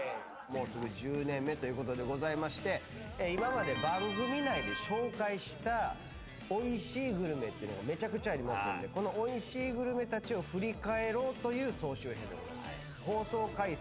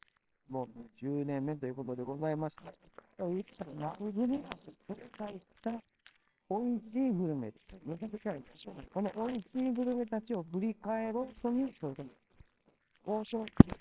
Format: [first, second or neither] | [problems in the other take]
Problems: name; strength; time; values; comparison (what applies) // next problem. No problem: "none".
first | noise reduction (neural separator model SepFormer WHAMR!)